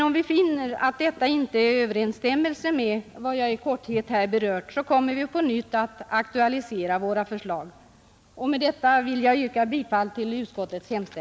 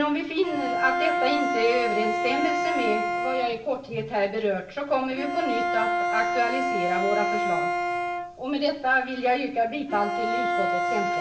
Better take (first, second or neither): first